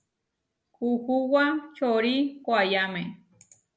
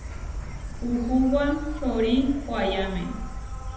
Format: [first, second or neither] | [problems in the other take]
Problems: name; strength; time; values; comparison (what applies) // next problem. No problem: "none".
first | background sound (Insect); 6 dB below the speech // room echo; dies away in 0.9 s